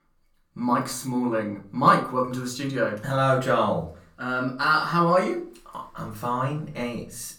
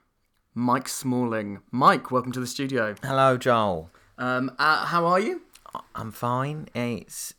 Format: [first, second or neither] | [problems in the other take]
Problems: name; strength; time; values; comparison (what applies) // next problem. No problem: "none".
second | room echo; slight; dies away in 0.3 s // off-mic speech; far